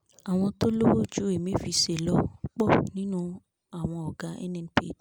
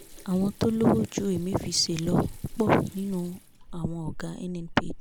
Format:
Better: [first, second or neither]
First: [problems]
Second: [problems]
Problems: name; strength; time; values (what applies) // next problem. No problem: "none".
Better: first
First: none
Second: background sound (Sink (filling or washing) / Water tap, faucet); 14 dB below the speech